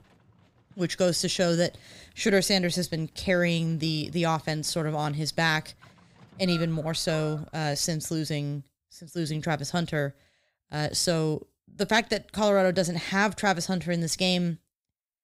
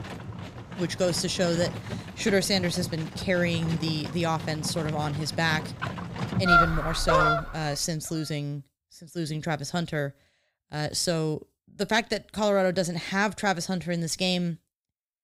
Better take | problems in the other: first | animal sounds; loud; until 8 s; 2 dB below the speech; faint in the first

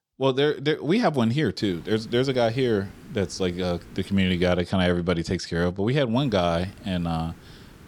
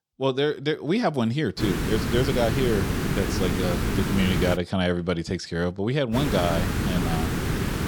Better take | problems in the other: first | hiss; loud; from 1.5 to 4.5 s and from 6 s on; 1 dB below the speech; faint in the first

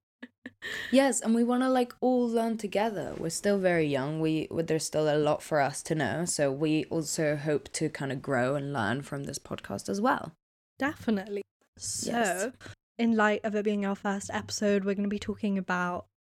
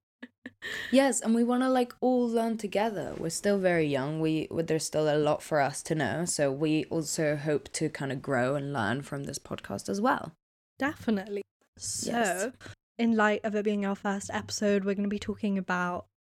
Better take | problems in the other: neither | none

